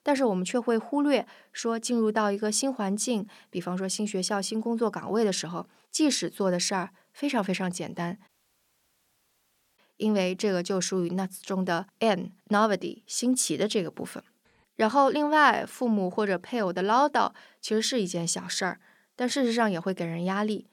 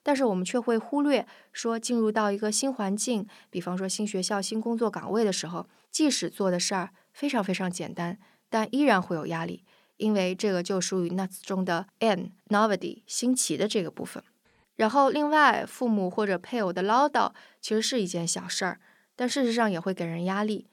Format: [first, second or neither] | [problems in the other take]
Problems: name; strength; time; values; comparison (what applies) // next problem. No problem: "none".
second | audio cutting out; at 8.5 s for 1.5 s